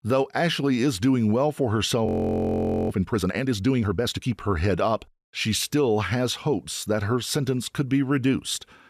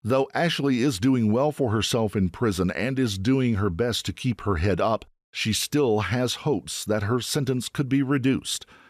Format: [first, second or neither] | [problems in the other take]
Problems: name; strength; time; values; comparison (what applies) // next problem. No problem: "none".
second | audio freezing; at 2 s for 1 s